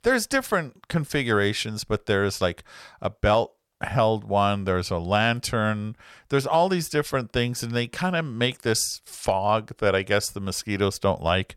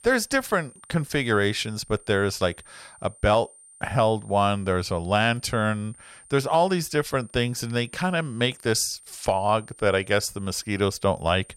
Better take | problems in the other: first | high-pitched whine; faint; throughout; 9 kHz, 25 dB below the speech

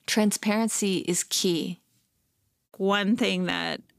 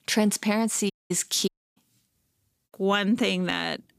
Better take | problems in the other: first | audio cutting out; at 1 s and at 1.5 s

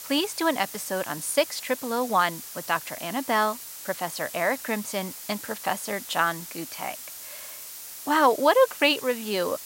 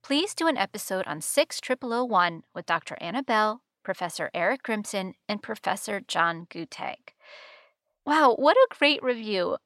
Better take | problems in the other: second | hiss; noticeable; throughout; 10 dB below the speech

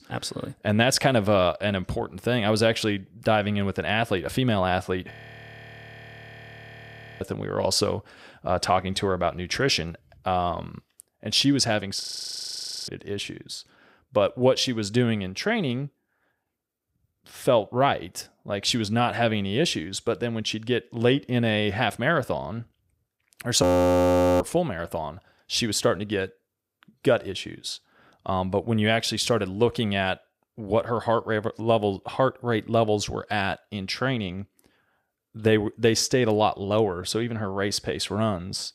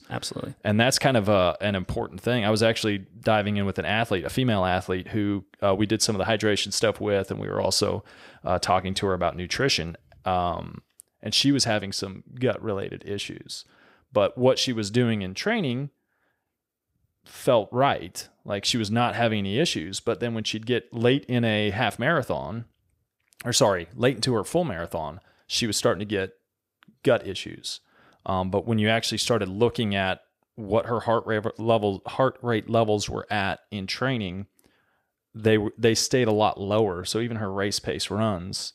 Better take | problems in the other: second | audio freezing; at 5 s for 2 s, at 12 s for 1 s and at 24 s for 1 s

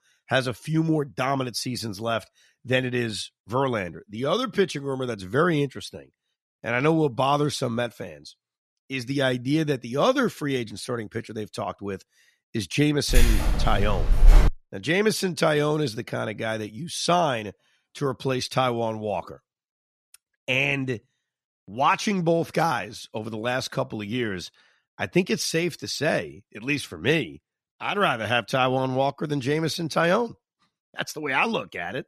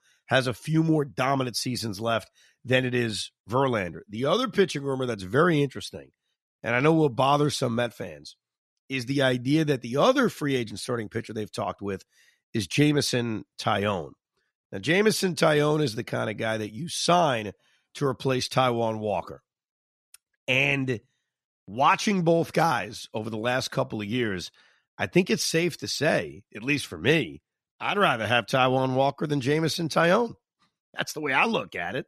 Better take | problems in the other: second | jangling keys; loud; from 13 to 15 s; peak 6 dB above the speech

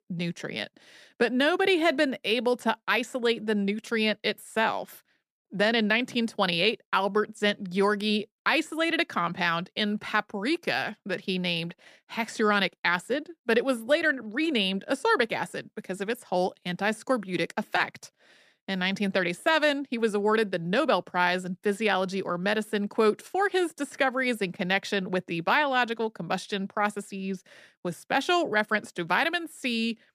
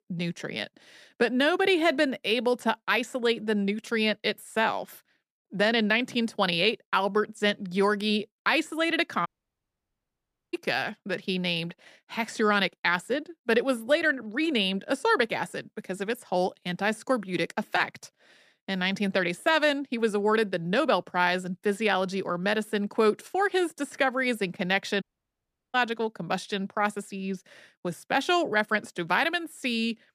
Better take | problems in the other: first | audio cutting out; at 9.5 s for 1.5 s and at 25 s for 0.5 s

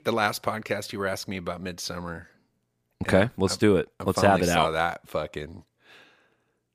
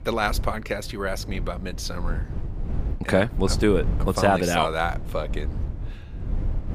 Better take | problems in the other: first | wind noise on the microphone; occasional gusts; 20 dB below the speech

